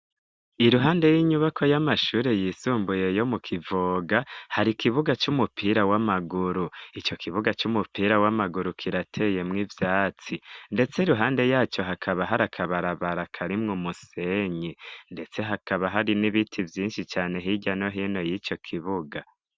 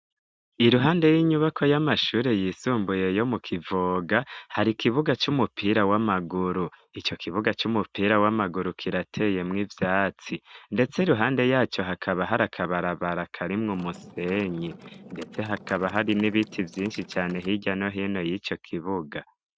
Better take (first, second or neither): first